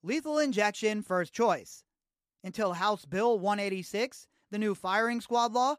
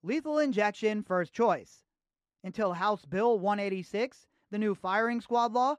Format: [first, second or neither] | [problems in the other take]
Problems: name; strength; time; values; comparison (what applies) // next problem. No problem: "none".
first | muffled; very slightly; fading above 2 kHz